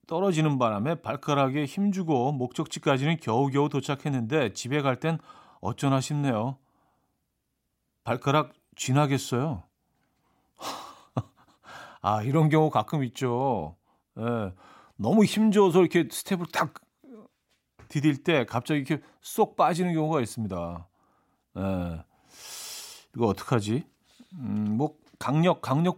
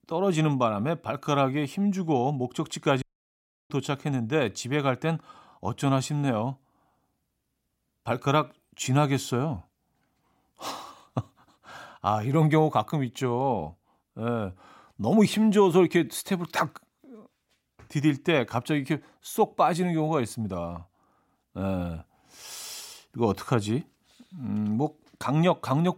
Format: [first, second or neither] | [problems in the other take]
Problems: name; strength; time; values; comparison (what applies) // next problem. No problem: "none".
first | audio cutting out; at 3 s for 0.5 s